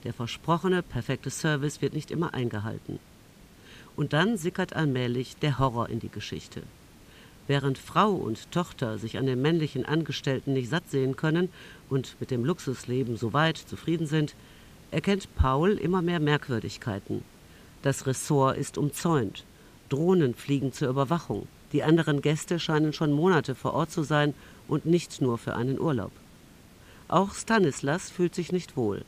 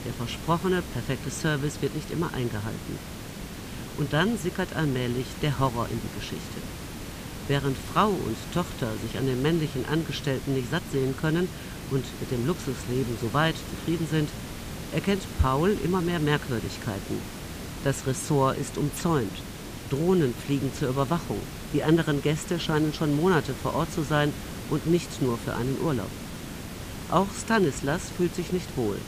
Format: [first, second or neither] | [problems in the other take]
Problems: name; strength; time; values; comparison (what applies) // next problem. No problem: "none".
first | hiss; loud; throughout; 10 dB below the speech; faint in the first